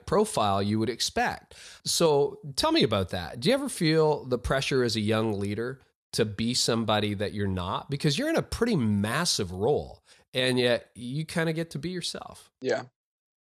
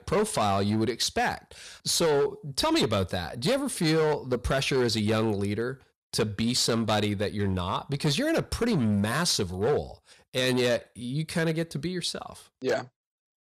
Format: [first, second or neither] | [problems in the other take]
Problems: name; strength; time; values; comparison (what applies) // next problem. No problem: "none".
first | distortion; slight; 9% of the sound clipped